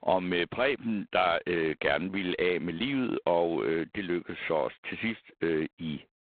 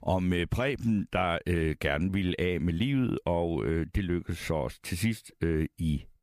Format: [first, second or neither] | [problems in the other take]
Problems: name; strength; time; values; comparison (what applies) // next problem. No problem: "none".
second | phone-call audio; poor line; nothing above 3.5 kHz